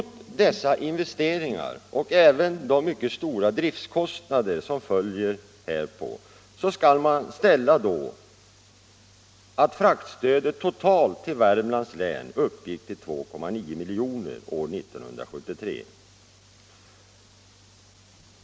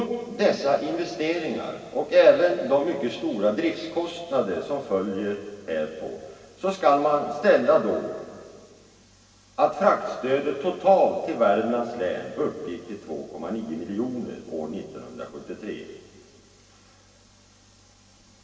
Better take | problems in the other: first | room echo; dies away in 2.3 s

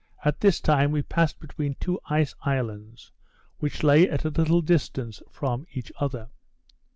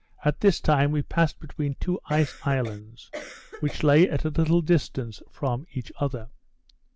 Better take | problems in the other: first | background sound (Cough); 15 dB below the speech

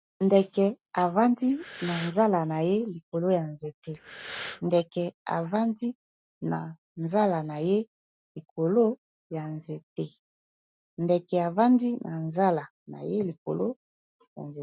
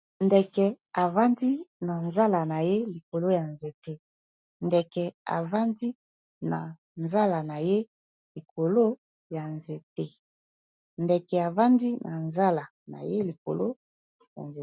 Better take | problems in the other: second | background sound (Breathing); 14 dB below the speech

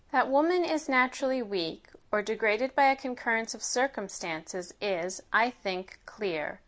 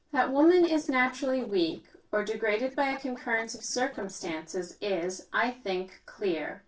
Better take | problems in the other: first | noise reduction (neural separator model SepFormer DNS4)

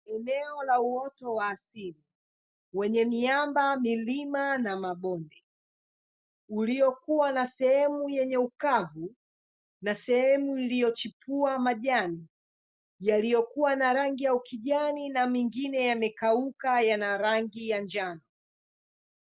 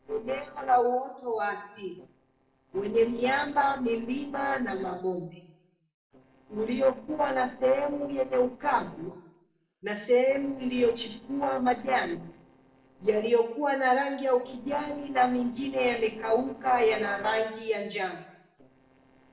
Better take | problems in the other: first | noise reduction (neural separator model SepFormer DNS4)

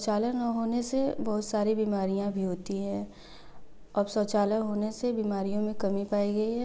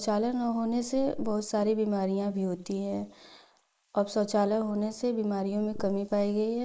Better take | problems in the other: first | noise reduction (neural mask model Resemble Enhance denoiser)

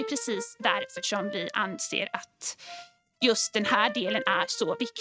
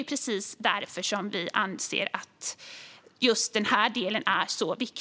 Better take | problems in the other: second | noise reduction (neural mask model RNNoise)

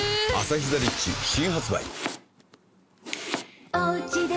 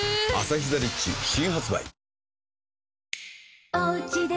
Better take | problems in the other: second | background sound (Domestic sounds, home sounds); 11 dB below the speech

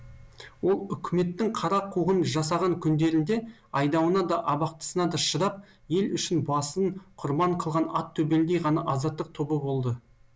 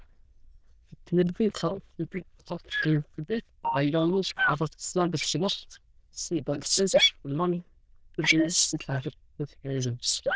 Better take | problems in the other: first | noise reduction (neural diffusion model UNIVERSE++)

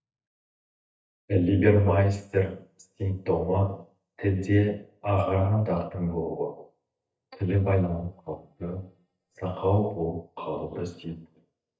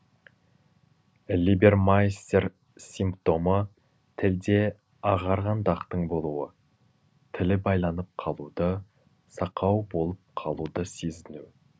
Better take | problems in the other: second | noise reduction (neural mask model DeepFilterNet 3)

